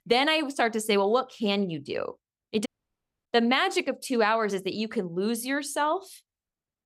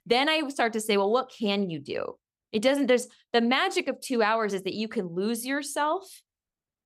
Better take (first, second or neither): second